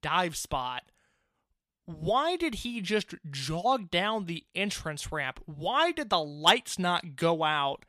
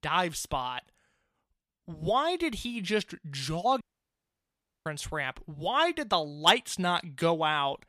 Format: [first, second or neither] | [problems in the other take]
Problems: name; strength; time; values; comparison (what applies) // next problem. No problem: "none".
first | audio cutting out; at 4 s for 1 s